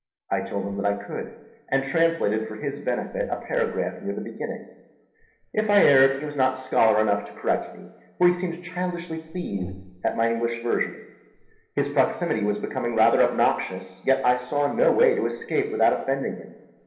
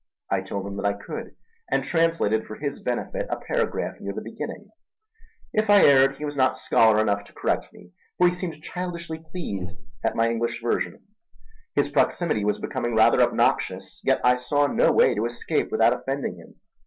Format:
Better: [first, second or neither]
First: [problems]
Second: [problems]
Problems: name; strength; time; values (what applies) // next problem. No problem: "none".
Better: second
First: room echo; dies away in 1 s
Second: none